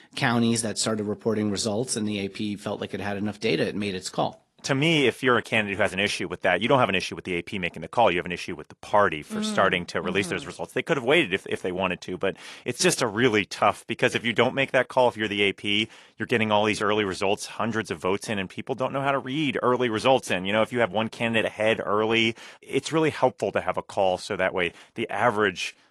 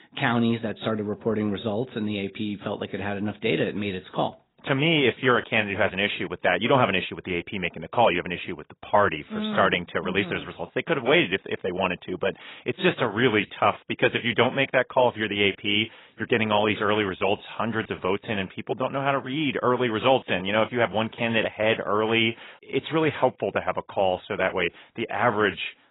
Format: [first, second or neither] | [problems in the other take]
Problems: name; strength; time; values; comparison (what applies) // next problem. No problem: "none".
first | garbled, watery; badly; nothing above 3.5 kHz; slightly in the first